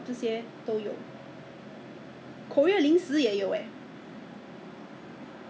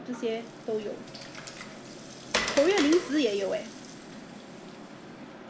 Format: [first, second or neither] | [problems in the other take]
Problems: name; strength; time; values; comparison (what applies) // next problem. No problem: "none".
first | background sound (Water); 8 dB below the speech